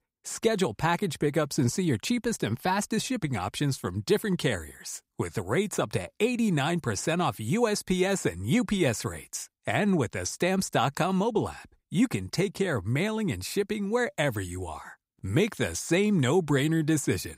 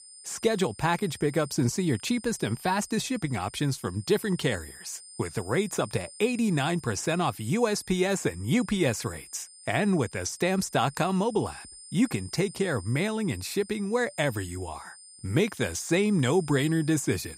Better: first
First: none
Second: high-pitched whine; noticeable; throughout; 9 kHz, 20 dB below the speech

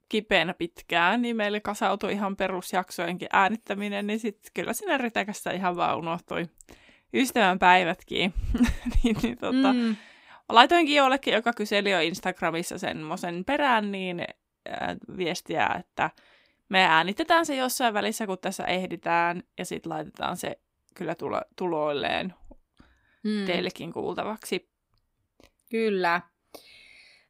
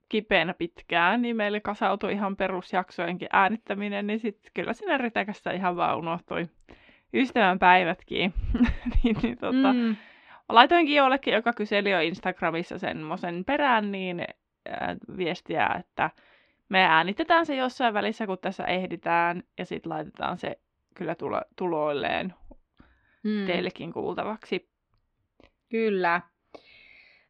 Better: first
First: none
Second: muffled; slightly; fading above 3.5 kHz

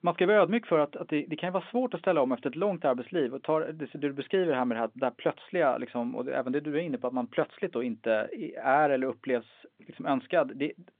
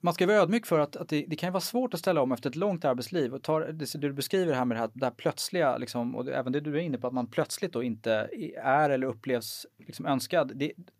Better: second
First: phone-call audio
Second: none

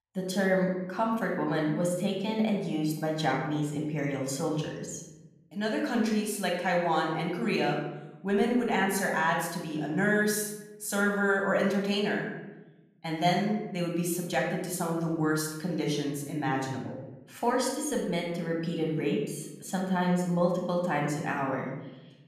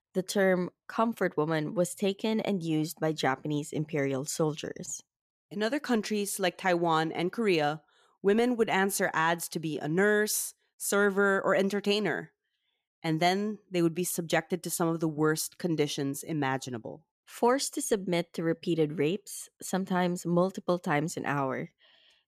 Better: second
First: off-mic speech; somewhat distant // room echo; noticeable; dies away in 0.9 s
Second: none

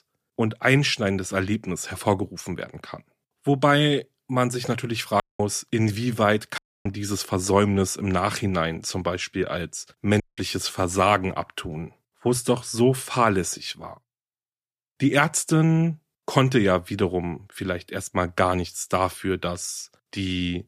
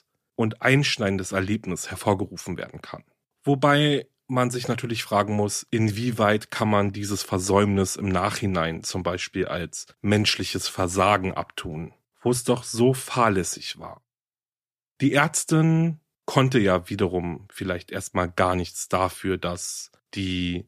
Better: second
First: audio cutting out; at 5 s, at 6.5 s and at 10 s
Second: none

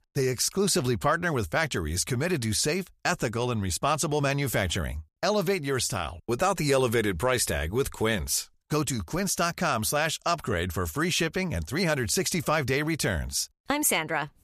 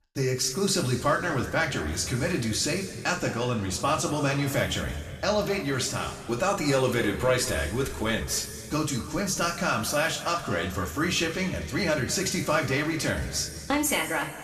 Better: first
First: none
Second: room echo; noticeable; dies away in 2.1 s // off-mic speech; somewhat distant

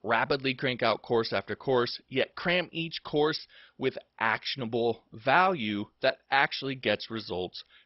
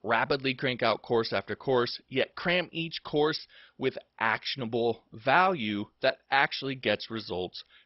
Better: neither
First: garbled, watery; badly; nothing above 5.5 kHz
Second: garbled, watery; badly; nothing above 5.5 kHz

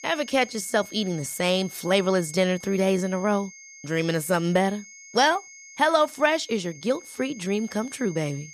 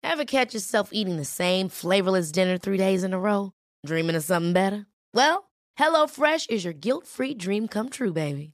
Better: second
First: high-pitched whine; noticeable; throughout; 2 kHz, 20 dB below the speech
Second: none

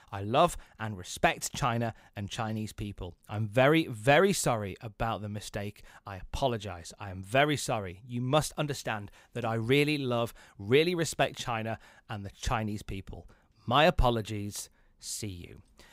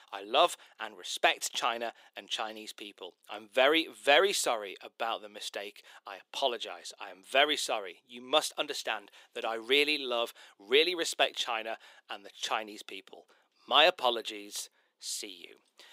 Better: first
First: none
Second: thin; very; fading below 350 Hz

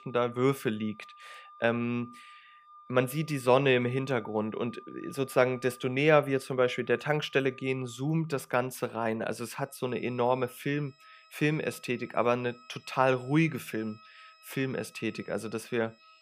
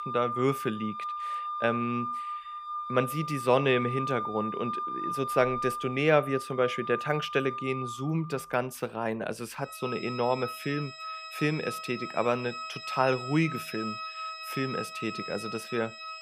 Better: first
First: background music; faint; throughout; 25 dB below the speech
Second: background music; loud; throughout; 6 dB below the speech

